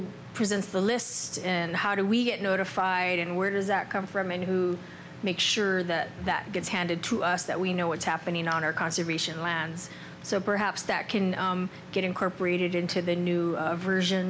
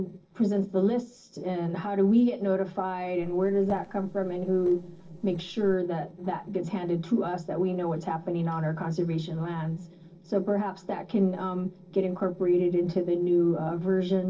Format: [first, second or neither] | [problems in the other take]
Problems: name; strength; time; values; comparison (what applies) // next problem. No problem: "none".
first | noise reduction (neural separator model SepFormer DNS4)